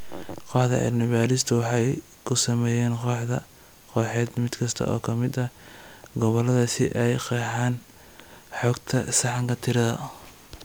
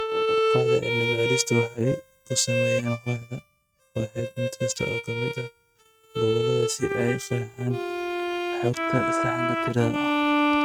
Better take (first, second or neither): first